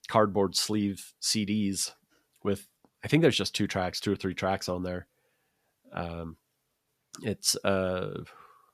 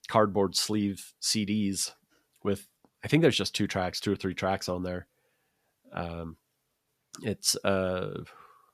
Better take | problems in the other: neither | none

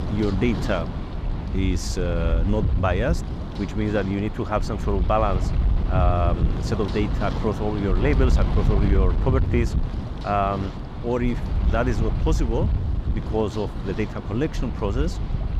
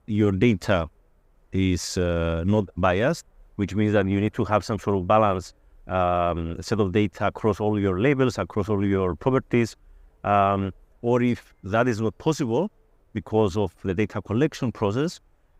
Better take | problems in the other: second | wind noise on the microphone; heavy; 9 dB below the speech

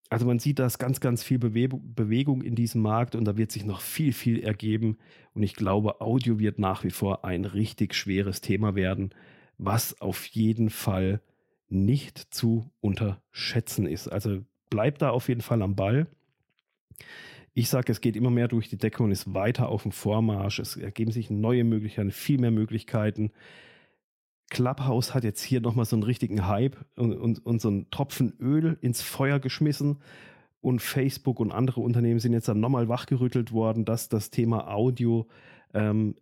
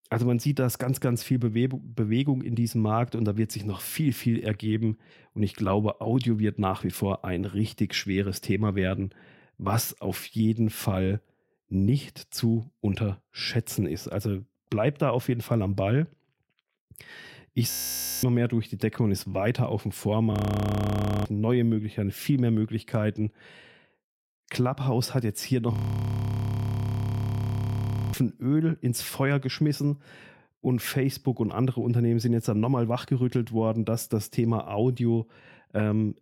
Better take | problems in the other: first | audio freezing; at 18 s for 0.5 s, at 20 s for 1 s and at 26 s for 2.5 s

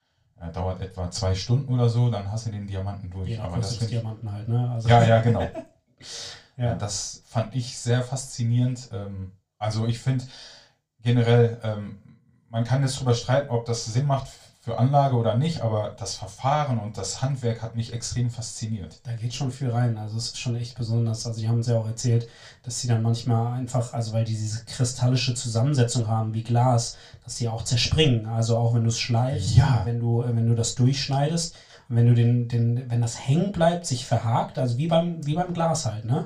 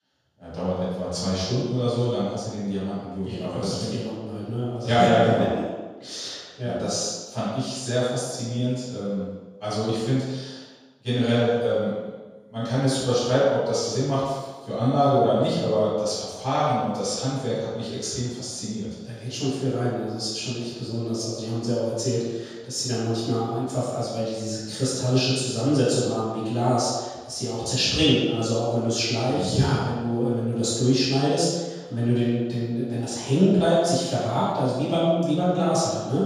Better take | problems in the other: first | room echo; strong; dies away in 1.2 s; slight in the first // off-mic speech; far; far in the first

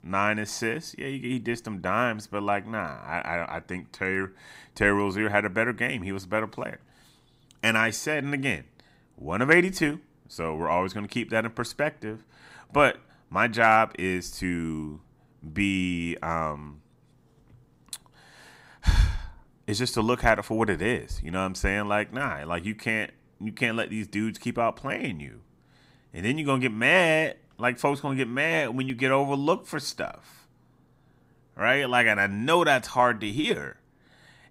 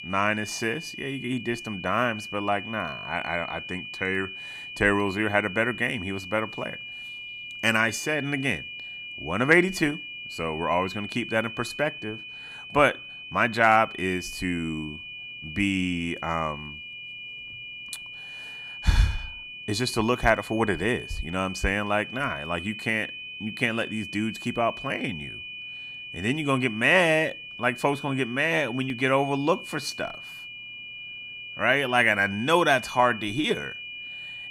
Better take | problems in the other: first | high-pitched whine; noticeable; throughout; 2.5 kHz, 10 dB below the speech

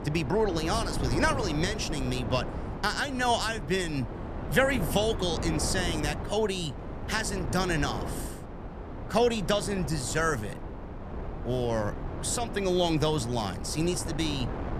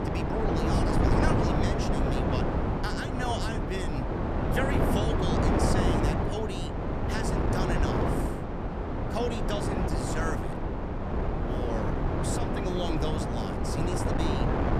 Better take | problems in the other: first | wind noise on the microphone; heavy; 4 dB above the speech; occasional gusts in the first

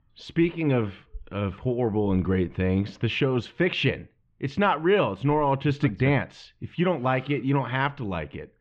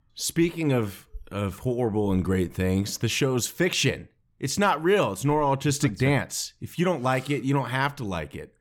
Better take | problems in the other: second | muffled; very; fading above 3 kHz

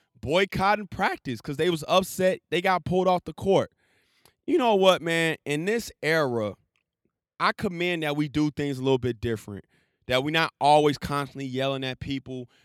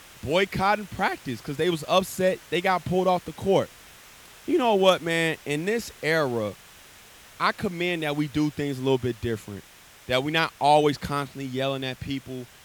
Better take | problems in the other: first | hiss; faint; throughout; 20 dB below the speech

